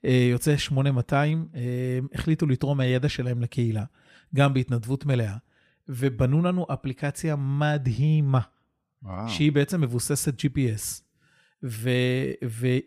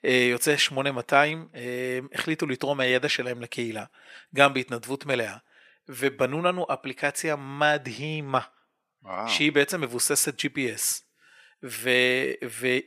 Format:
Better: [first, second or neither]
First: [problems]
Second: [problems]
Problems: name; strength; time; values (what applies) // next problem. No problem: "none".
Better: first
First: none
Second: thin; very; fading below 450 Hz